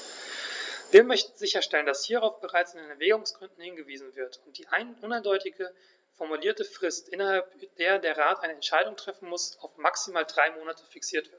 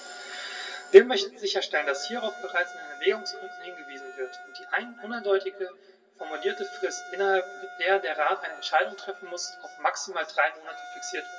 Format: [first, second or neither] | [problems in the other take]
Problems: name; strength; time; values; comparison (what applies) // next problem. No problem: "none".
first | background sound (Wind instrument, woodwind instrument); 16 dB below the speech // room echo; dies away in 2.7 s